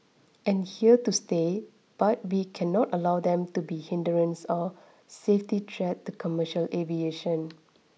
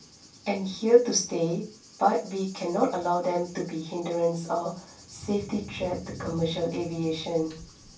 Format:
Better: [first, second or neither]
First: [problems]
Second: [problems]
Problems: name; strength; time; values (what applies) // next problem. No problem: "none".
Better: first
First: none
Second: background sound (Thunder / Cricket); 18 dB below the speech // room echo; dies away in 0.2 s